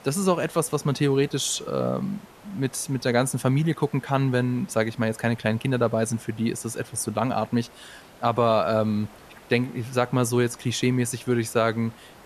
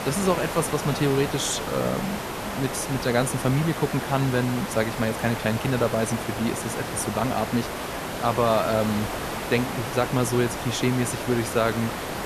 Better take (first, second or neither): first